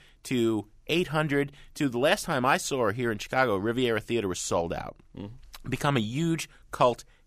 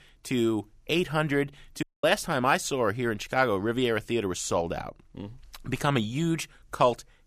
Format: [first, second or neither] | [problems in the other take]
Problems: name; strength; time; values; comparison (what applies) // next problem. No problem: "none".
first | audio cutting out; at 2 s